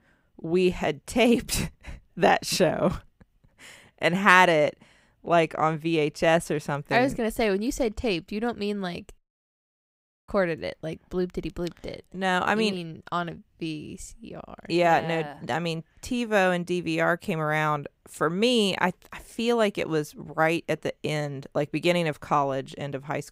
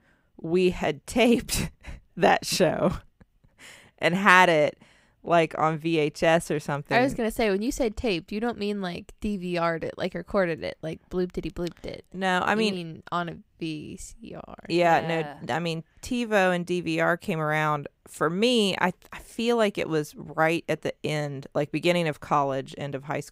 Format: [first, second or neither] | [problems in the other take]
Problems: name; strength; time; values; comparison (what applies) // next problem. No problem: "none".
second | audio cutting out; at 9 s for 1 s